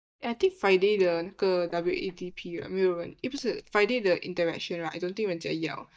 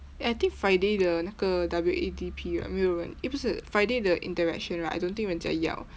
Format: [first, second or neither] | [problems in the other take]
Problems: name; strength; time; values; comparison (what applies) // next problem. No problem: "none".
second | noise reduction (neural mask model DeepFilterNet 3)